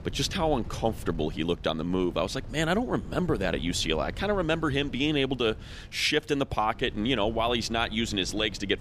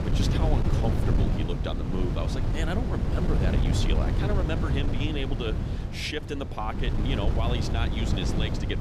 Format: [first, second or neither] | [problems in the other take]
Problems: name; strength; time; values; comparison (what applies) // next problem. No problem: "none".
first | wind noise on the microphone; heavy; 3 dB below the speech; occasional gusts in the first